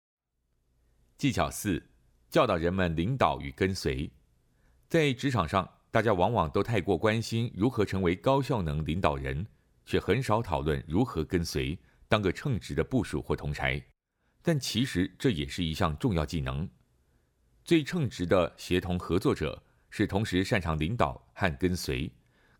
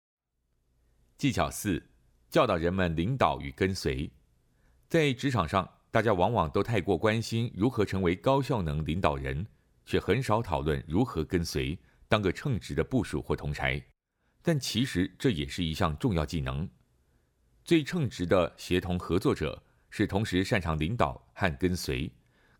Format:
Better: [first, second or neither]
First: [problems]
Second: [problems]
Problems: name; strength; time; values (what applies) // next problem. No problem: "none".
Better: neither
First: none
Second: none